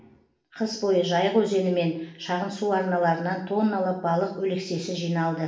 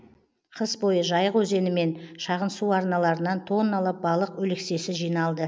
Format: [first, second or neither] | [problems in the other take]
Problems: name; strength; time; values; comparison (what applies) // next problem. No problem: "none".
second | room echo; dies away in 0.5 s